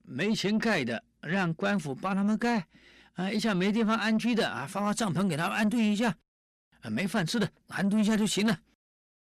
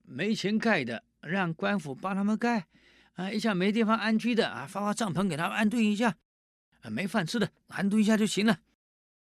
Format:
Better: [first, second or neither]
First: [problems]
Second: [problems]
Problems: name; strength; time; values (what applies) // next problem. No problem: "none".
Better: second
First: distortion; slight; 10 dB below the speech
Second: none